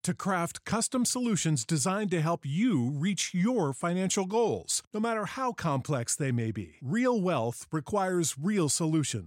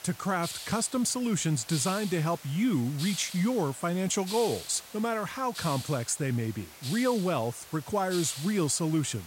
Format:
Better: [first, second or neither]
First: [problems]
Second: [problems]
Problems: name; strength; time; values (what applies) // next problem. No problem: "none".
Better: first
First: none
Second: hiss; noticeable; throughout; 10 dB below the speech